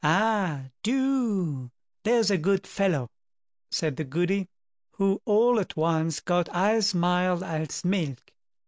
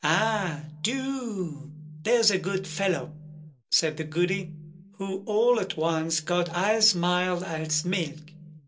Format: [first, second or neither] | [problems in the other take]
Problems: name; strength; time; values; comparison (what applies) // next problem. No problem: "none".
first | room echo; dies away in 0.2 s